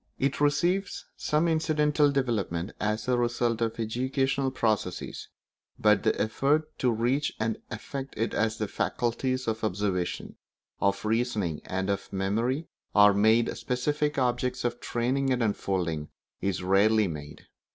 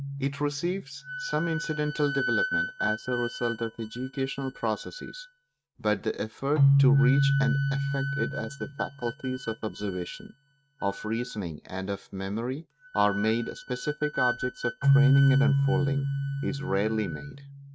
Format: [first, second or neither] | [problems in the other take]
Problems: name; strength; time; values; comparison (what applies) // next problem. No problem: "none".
first | noise reduction (neural mask model RNNoise)